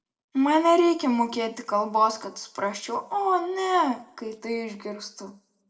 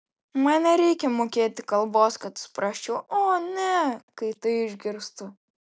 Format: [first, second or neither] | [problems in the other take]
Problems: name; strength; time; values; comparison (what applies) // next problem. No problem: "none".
second | room echo; dies away in 0.4 s